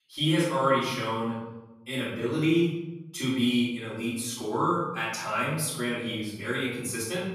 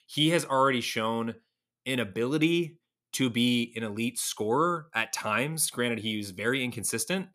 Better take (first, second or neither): second